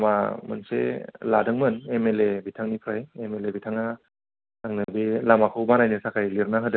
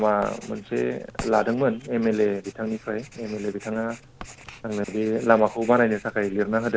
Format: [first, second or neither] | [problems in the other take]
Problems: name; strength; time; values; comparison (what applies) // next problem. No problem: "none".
first | background sound (Writing); 19 dB below the speech